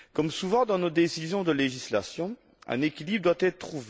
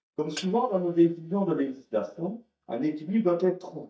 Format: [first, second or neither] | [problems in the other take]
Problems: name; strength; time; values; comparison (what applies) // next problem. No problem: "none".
first | noise reduction (neural mask model DeepFilterNet 3)